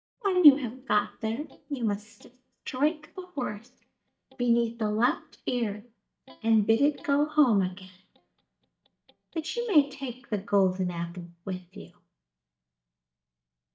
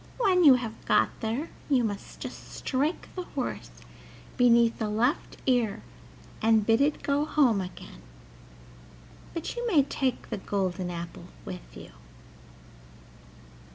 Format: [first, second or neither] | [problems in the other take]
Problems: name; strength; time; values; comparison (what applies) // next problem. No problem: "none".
second | noise reduction (neural mask model DeepFilterNet 3)